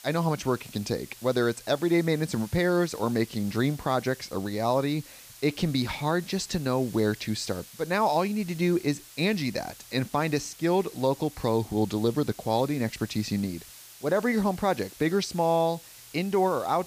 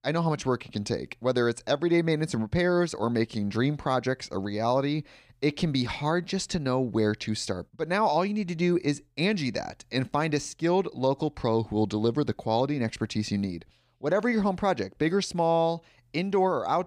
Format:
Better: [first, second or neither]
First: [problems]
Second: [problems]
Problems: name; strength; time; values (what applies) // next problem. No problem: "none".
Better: second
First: hiss; noticeable; throughout; 20 dB below the speech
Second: none